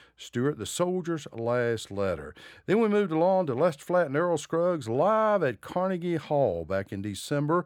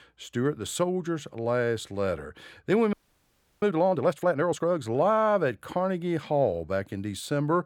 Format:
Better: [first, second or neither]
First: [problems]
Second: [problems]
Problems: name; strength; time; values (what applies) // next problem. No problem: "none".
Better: first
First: none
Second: audio freezing; at 3 s for 0.5 s